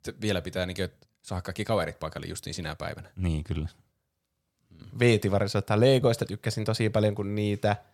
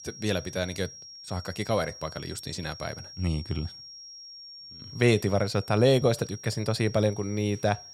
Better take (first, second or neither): first